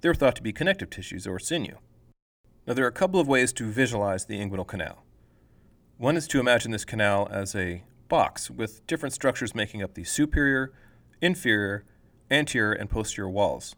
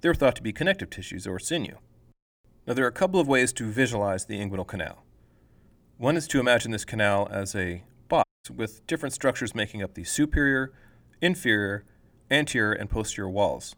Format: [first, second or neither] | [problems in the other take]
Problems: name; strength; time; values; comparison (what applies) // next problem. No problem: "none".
first | audio cutting out; at 8 s